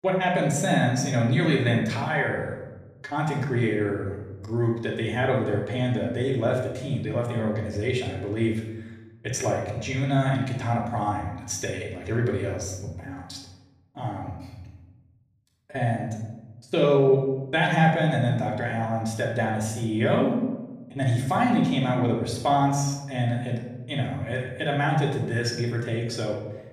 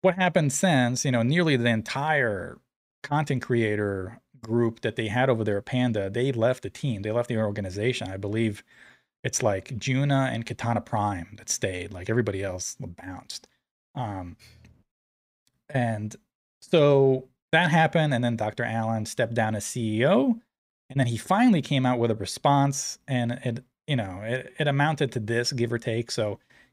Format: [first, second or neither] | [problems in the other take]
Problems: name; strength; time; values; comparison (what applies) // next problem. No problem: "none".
second | off-mic speech; far // room echo; noticeable; dies away in 1 s